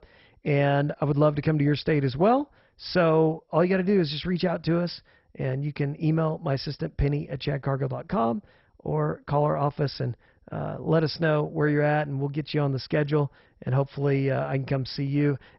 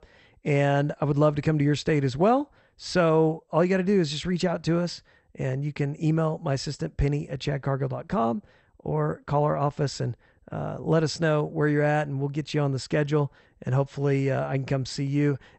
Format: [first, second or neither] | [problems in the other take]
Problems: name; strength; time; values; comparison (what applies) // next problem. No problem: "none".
second | garbled, watery; badly; nothing above 5.5 kHz; slightly in the second